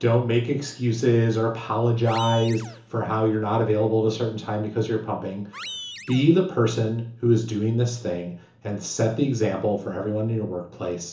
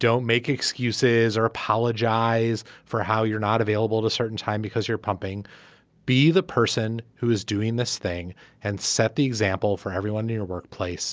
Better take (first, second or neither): second